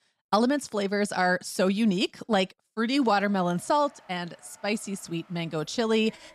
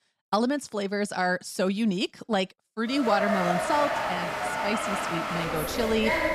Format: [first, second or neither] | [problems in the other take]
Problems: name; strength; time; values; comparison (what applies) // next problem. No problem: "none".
first | crowd noise; loud; from 3 s on; as loud as the speech; faint in the first